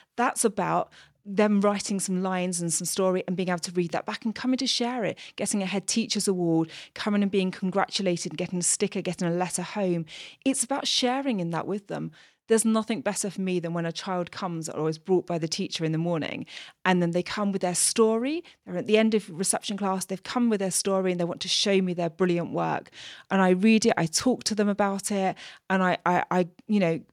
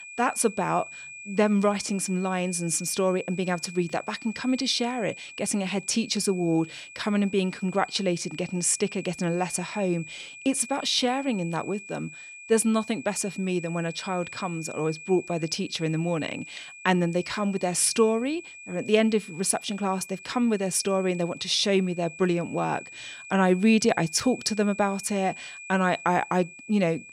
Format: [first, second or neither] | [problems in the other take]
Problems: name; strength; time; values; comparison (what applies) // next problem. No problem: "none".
first | high-pitched whine; noticeable; throughout; 2.5 kHz, 15 dB below the speech